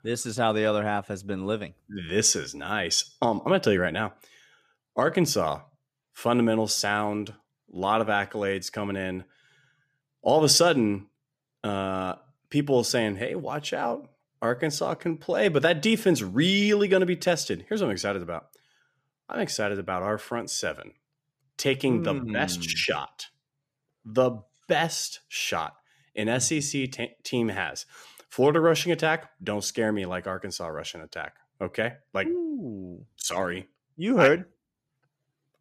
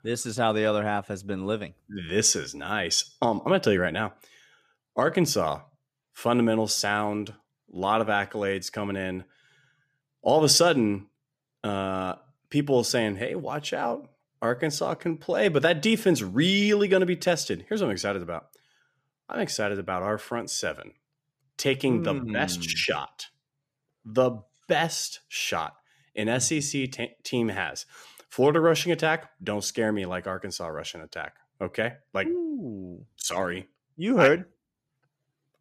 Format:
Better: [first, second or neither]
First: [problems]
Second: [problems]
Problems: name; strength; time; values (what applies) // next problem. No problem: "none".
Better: neither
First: none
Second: none